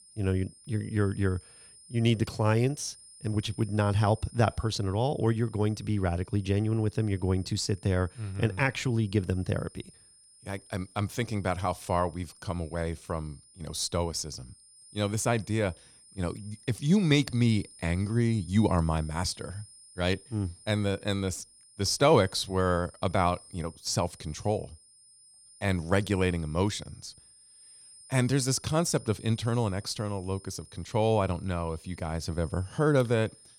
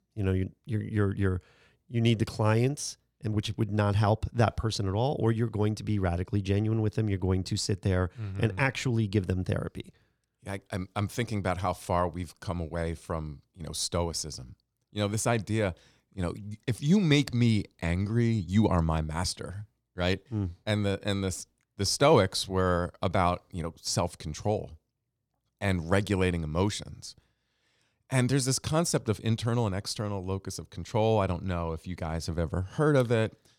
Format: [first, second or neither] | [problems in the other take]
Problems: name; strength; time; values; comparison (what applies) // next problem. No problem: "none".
second | high-pitched whine; faint; throughout; 9 kHz, 20 dB below the speech